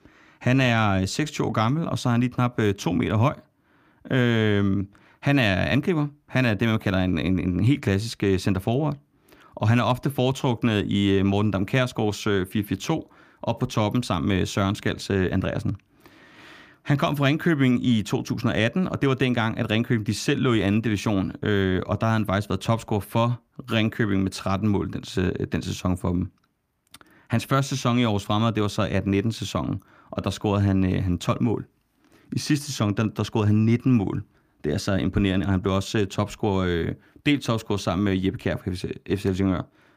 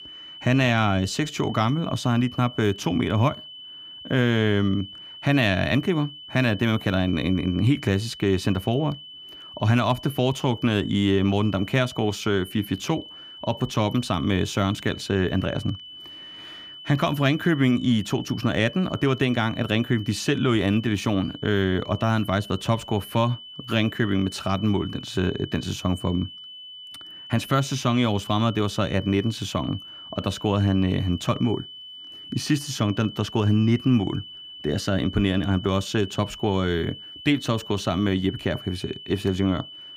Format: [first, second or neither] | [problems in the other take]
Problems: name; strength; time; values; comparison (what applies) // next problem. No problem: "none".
first | high-pitched whine; noticeable; throughout; 3 kHz, 15 dB below the speech